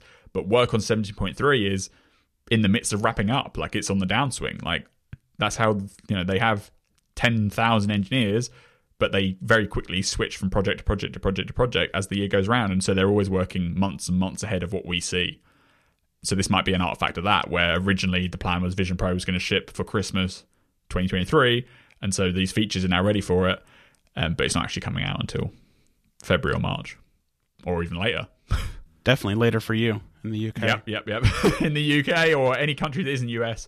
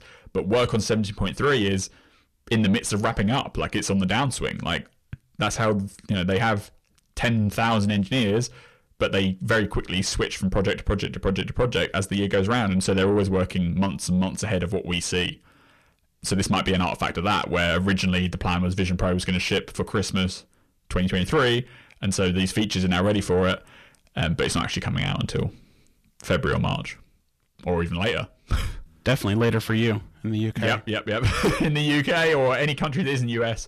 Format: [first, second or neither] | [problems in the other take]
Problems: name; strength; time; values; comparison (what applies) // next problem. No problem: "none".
first | distortion; slight; 10 dB below the speech